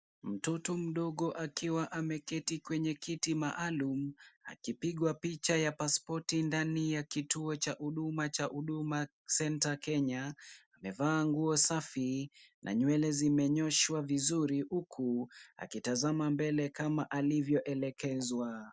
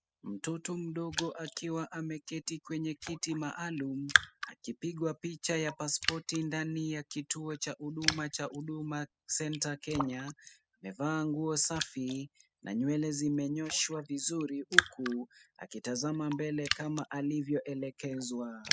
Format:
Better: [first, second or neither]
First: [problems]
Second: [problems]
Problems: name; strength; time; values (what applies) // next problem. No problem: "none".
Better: first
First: none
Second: noise reduction (classical method spectral subtraction)